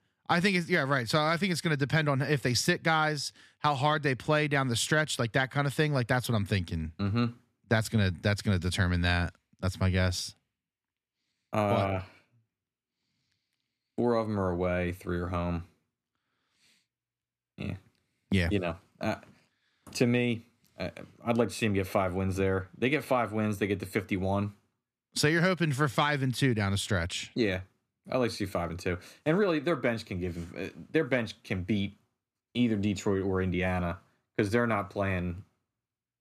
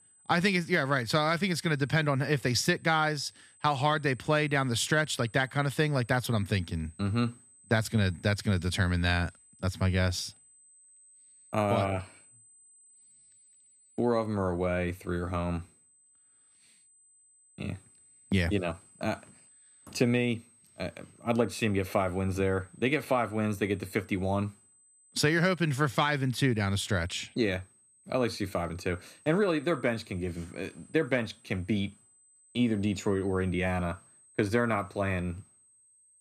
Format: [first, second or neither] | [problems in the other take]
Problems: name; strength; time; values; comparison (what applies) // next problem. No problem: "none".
first | high-pitched whine; faint; throughout; 8 kHz, 30 dB below the speech